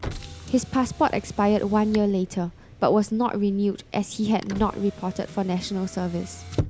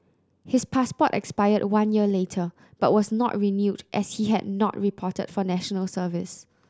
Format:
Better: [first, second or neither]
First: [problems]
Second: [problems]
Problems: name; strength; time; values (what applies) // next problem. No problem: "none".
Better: second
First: background sound (Motor vehicle (road)); 13 dB below the speech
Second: none